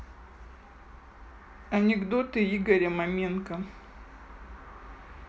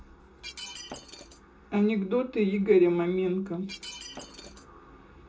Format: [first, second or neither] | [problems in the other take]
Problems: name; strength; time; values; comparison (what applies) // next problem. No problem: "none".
first | noise reduction (neural separator model SepFormer DNS4)